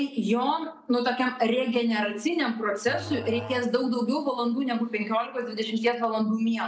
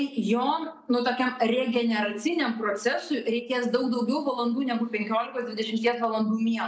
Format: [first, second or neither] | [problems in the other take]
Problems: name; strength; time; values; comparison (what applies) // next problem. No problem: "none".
second | background sound (Musical instrument); 16 dB below the speech